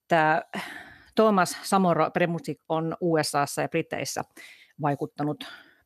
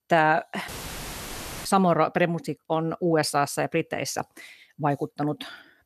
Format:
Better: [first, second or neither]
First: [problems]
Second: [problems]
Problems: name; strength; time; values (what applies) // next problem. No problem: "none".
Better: first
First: none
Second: audio cutting out; filled with static; at 0.5 s for 1 s